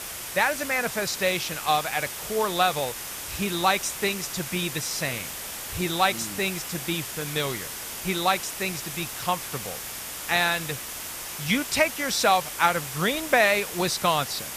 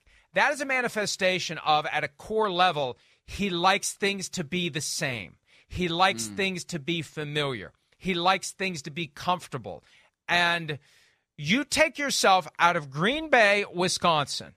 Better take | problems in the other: second | hiss; loud; throughout; 7 dB below the speech

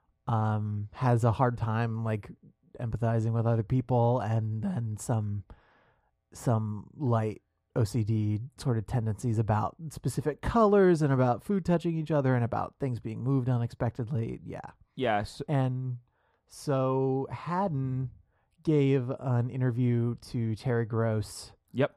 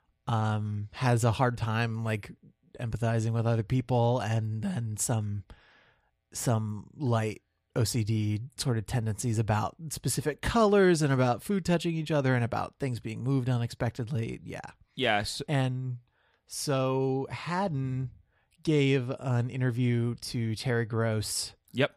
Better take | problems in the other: second | muffled; slightly; fading above 1.5 kHz

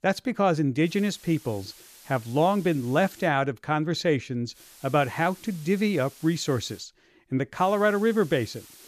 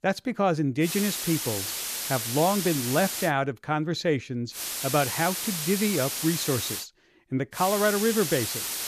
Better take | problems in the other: first | hiss; loud; from 1 to 3.5 s, from 4.5 to 7 s and from 7.5 s on; 3 dB below the speech; faint in the first

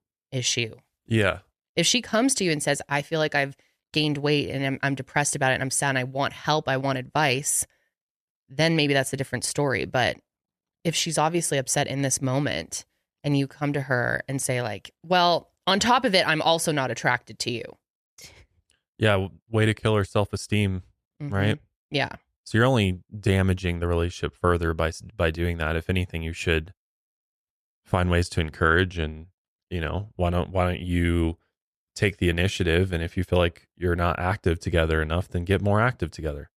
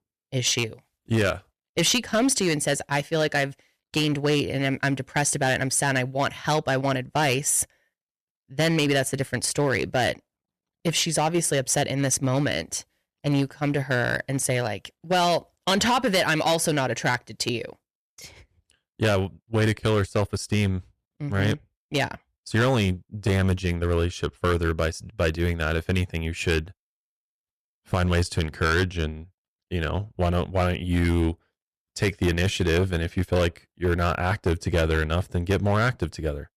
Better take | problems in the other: first | distortion; slight; 6% of the sound clipped

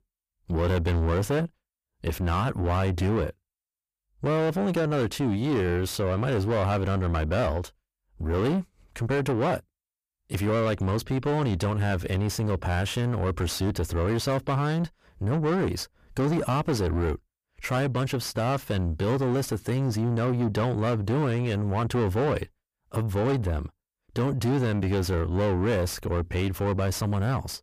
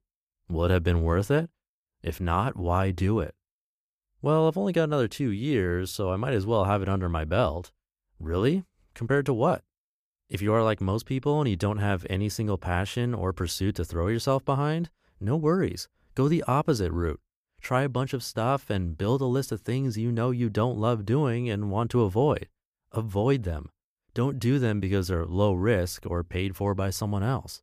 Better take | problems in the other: second | distortion; heavy; 7 dB below the speech

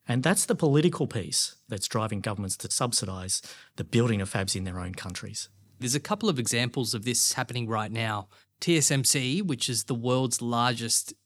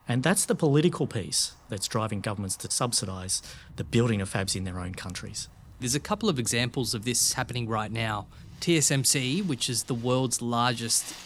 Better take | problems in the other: first | wind in the background; faint; throughout; 25 dB below the speech

